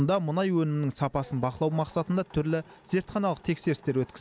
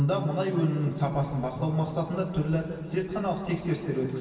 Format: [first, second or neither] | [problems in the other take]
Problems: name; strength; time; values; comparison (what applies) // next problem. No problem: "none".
first | room echo; dies away in 2.5 s